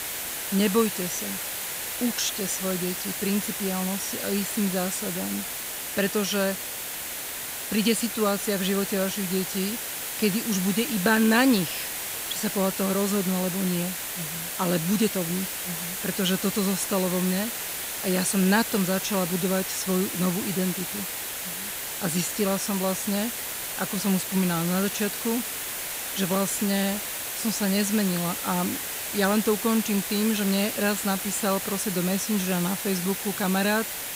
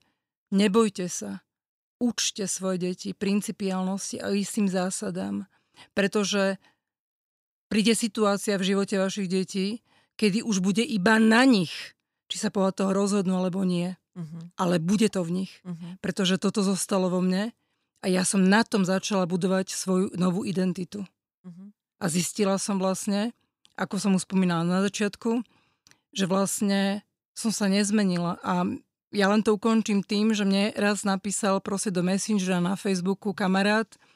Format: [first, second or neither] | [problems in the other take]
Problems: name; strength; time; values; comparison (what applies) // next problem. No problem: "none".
second | hiss; loud; throughout; 3 dB below the speech